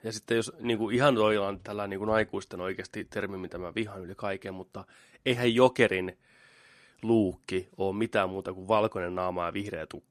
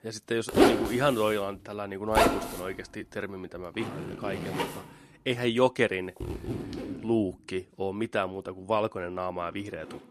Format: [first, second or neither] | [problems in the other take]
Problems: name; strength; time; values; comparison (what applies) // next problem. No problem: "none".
first | household noises; very loud; throughout; 1 dB above the speech